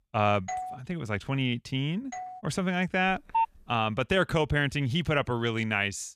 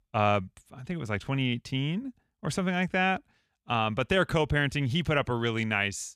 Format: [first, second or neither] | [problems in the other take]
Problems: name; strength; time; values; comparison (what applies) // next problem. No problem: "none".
second | doorbell; noticeable; at 0.5 s; peak 7 dB below the speech // doorbell; faint; at 2 s; peak 10 dB below the speech // phone ringing; noticeable; at 3 s; peak 1 dB below the speech